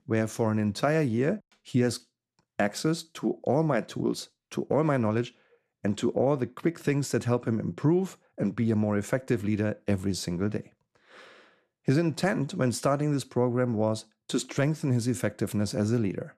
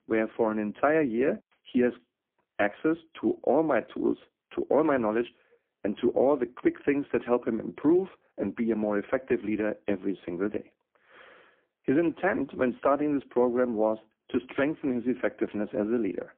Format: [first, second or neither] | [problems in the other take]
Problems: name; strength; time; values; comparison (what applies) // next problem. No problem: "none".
first | phone-call audio; poor line; nothing above 3.5 kHz